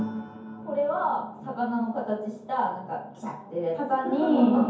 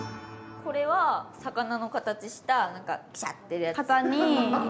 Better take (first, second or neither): second